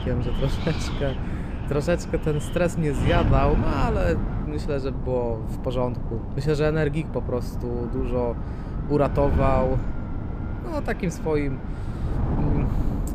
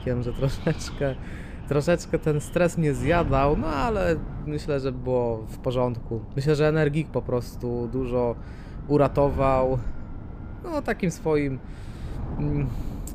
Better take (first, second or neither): second